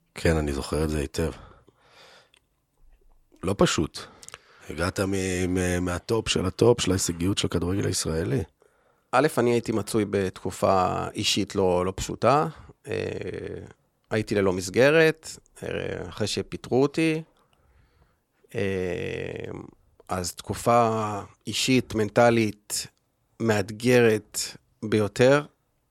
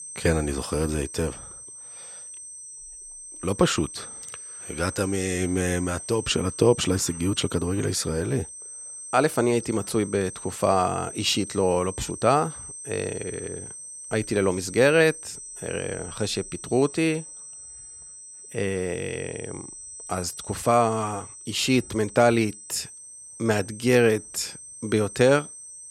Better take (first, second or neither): first